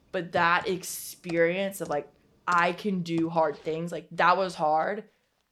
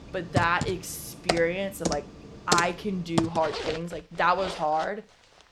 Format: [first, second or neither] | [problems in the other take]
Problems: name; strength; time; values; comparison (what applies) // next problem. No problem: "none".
first | household noises; loud; throughout; 3 dB below the speech; faint in the first